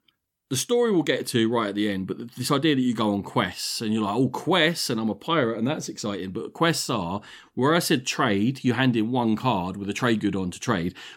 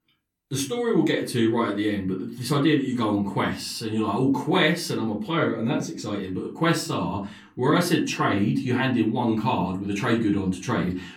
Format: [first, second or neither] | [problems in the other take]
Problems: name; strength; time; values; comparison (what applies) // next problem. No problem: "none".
first | off-mic speech; far // room echo; very slight; dies away in 0.3 s